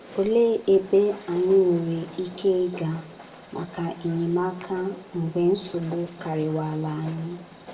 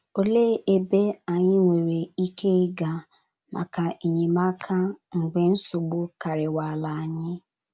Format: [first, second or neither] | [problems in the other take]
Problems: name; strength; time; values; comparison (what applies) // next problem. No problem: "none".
second | background sound (Train); 19 dB below the speech // room echo; dies away in 0.6 s